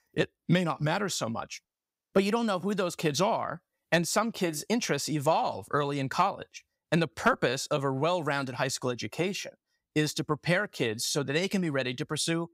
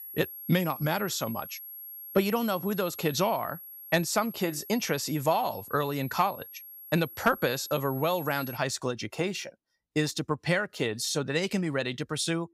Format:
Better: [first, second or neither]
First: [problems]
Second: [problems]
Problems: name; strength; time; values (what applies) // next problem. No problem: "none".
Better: first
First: none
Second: high-pitched whine; noticeable; until 8.5 s; 11.5 kHz, 10 dB below the speech